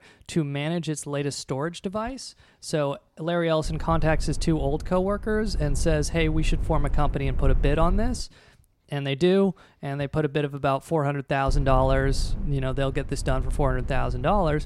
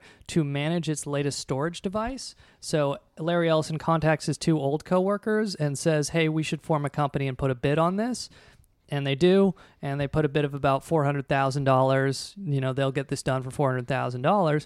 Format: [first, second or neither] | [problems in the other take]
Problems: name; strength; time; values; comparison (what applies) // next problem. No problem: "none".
second | low rumble; faint; from 3.5 to 8 s and from 11 s on; 20 dB below the speech